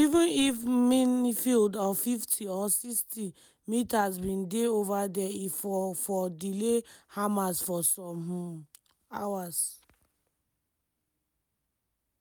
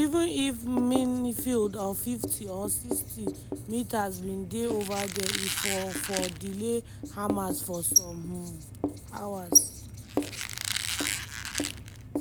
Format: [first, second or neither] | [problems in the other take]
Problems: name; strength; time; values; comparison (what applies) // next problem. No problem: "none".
first | background sound (Writing + Squeak); 1 dB below the speech